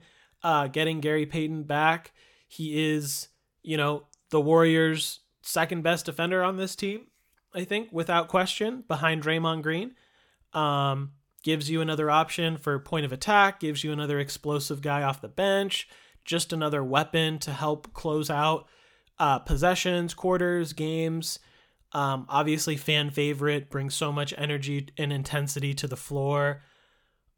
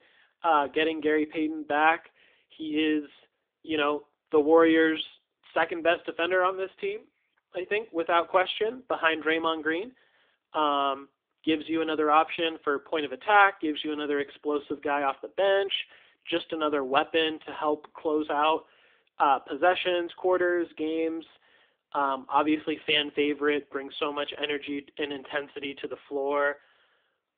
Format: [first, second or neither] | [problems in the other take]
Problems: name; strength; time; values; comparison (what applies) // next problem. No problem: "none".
first | phone-call audio; nothing above 3.5 kHz